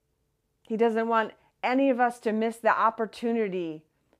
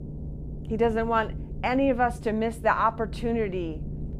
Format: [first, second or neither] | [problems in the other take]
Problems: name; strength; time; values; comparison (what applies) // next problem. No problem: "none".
first | low rumble; faint; throughout; 20 dB below the speech